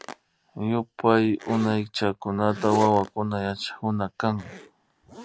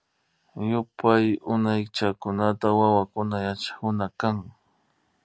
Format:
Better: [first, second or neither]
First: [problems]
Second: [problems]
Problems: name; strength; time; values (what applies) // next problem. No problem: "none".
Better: second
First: background sound (Zipper (clothing)); 16 dB below the speech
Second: none